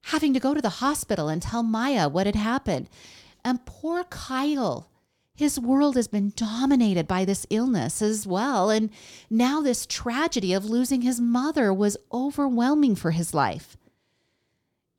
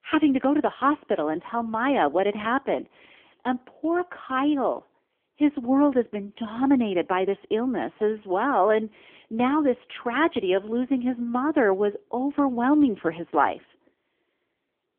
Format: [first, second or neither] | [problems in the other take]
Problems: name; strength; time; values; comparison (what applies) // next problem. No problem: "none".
first | phone-call audio; poor line; nothing above 3.5 kHz